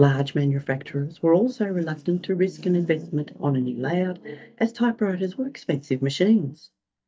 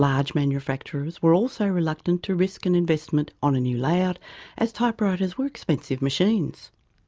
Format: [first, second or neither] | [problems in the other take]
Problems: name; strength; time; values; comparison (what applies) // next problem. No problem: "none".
second | noise reduction (neural mask model DeepFilterNet 3)